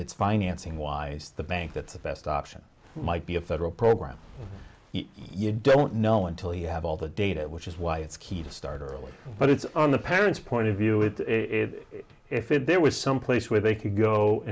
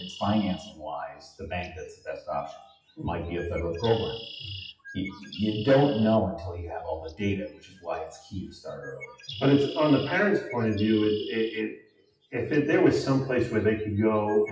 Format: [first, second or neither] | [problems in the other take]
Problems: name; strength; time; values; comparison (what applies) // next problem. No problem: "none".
first | noise reduction (classical method WPE with log-MMSE)